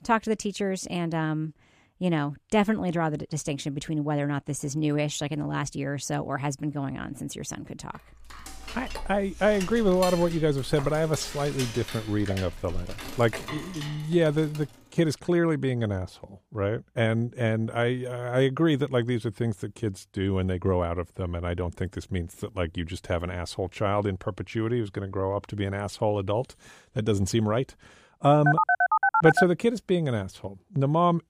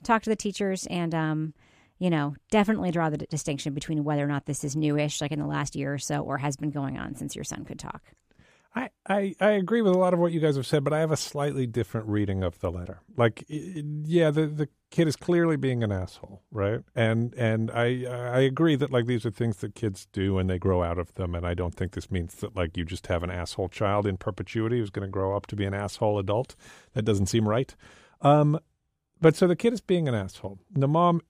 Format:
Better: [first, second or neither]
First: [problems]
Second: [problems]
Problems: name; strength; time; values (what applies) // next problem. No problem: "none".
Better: second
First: clattering dishes; noticeable; from 8 to 15 s; peak 7 dB below the speech // phone ringing; loud; at 28 s; peak 6 dB above the speech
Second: none